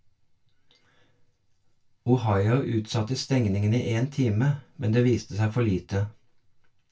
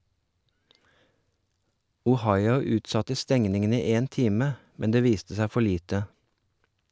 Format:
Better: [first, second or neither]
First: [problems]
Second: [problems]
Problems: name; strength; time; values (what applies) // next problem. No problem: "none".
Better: second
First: room echo; dies away in 0.2 s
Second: none